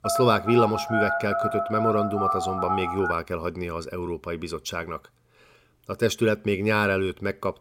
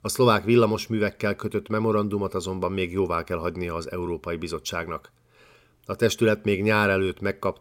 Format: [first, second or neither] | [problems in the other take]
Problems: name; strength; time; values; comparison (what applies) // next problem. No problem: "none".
second | phone ringing; loud; until 3 s; peak 1 dB above the speech